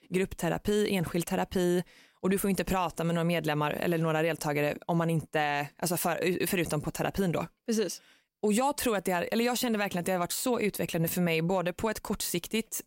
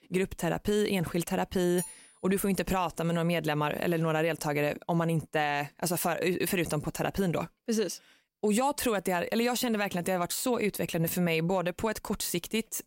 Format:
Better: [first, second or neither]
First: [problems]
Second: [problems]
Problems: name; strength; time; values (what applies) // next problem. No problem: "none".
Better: first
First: none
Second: clattering dishes; noticeable; at 2 s; peak 10 dB below the speech